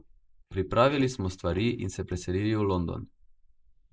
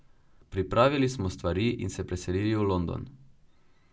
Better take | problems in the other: second | noise reduction (neural mask model Resemble Enhance denoiser)

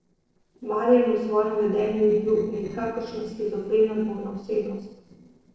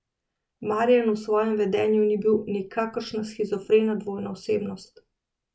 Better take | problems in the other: second | noise reduction (neural separator model SepFormer DNS4)

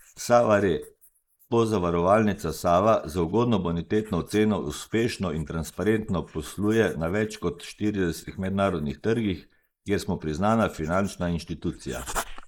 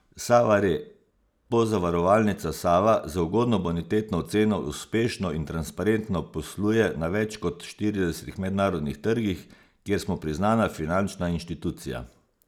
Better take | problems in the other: second | noise reduction (neural mask model Resemble Enhance denoiser)

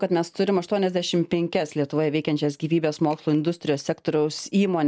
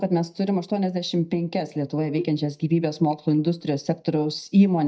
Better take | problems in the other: first | noise reduction (neural mask model DeepFilterNet 3)

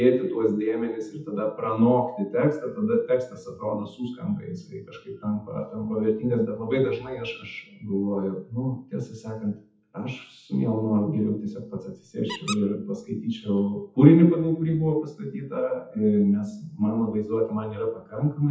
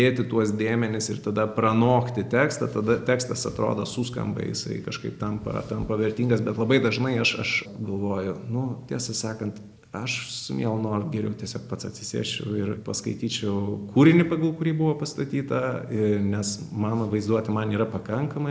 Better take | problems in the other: second | noise reduction (classical method WPE with log-MMSE)

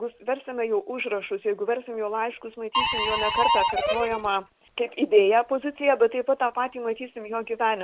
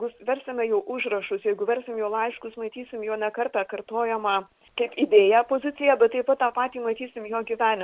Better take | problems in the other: second | background sound (Harmonica); 1 dB above the speech

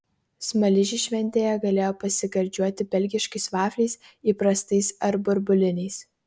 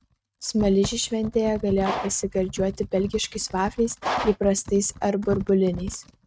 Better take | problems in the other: first | noise reduction (neural mask model RNNoise)

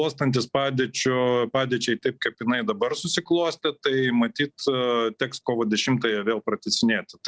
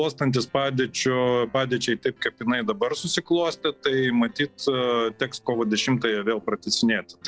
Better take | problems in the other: first | noise reduction (neural separator model SepFormer DNS4)

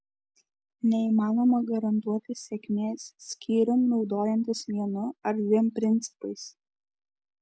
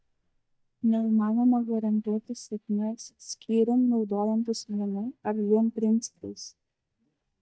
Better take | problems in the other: first | noise reduction (neural mask model DeepFilterNet 3)

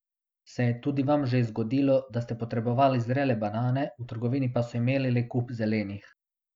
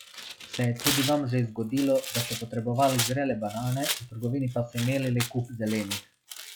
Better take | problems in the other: first | noise reduction (classical method log-MMSE)

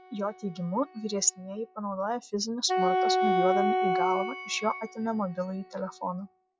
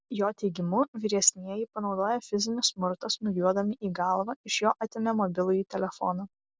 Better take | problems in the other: second | noise reduction (classical method log-MMSE)

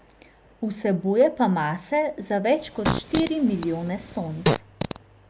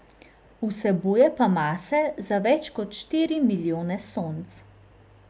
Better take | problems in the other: second | background sound (Fart); 4 dB below the speech

